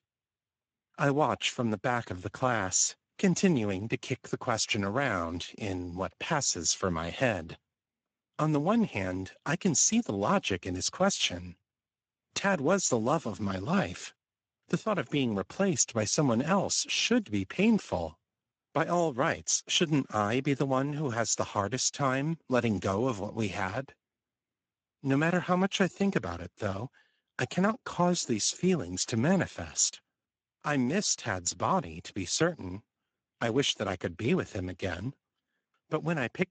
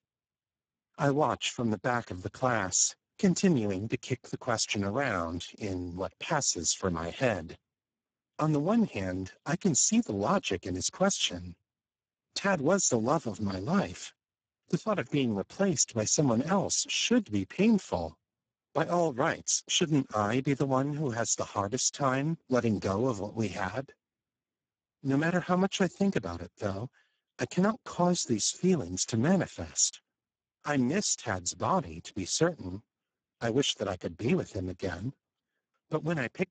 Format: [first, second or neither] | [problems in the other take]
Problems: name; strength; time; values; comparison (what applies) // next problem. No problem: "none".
first | garbled, watery; badly; nothing above 7.5 kHz; slightly in the first